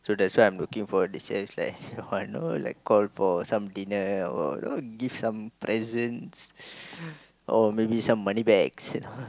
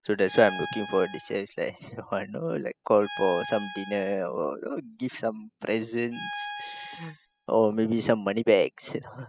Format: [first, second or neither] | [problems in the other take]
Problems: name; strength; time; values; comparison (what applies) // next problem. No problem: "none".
first | noise reduction (classical method spectral subtraction)